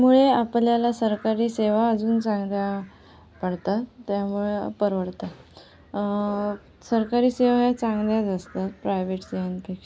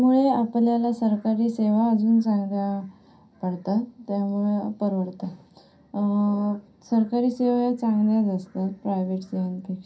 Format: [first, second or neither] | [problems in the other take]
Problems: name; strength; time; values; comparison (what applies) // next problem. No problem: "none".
first | room echo; dies away in 0.3 s